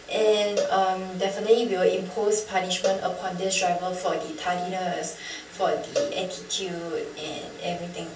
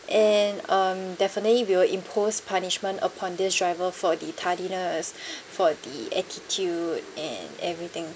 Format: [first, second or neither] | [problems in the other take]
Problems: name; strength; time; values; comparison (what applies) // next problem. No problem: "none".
second | background sound (Cowbell); 9 dB below the speech // room echo; dies away in 0.4 s